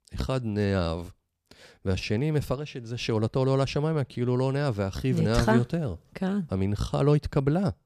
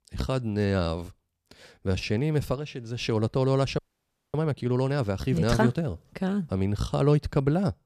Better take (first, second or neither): first